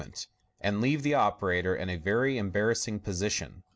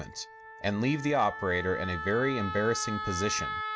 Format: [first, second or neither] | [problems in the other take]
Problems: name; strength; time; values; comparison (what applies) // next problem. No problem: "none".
first | background sound (Wind instrument, woodwind instrument); 7 dB below the speech